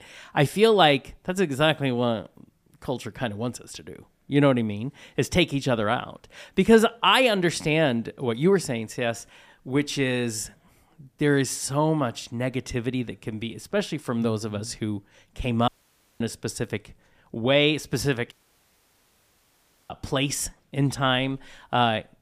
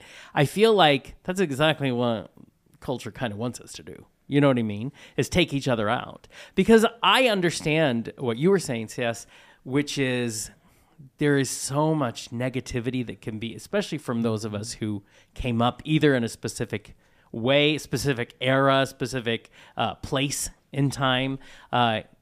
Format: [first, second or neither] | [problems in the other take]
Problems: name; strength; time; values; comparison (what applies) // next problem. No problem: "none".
second | audio cutting out; at 16 s for 0.5 s and at 18 s for 1.5 s